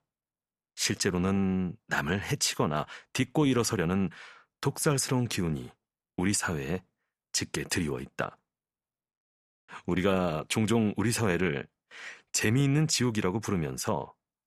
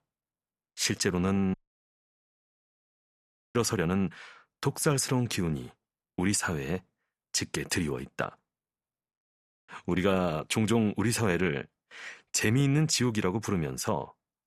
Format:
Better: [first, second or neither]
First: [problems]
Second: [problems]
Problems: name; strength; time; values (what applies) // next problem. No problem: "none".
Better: first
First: none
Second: audio cutting out; at 1.5 s for 2 s